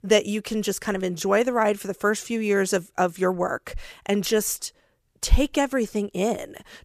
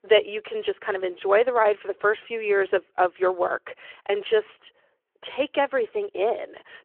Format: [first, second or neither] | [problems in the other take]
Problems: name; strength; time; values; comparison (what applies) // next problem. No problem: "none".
first | phone-call audio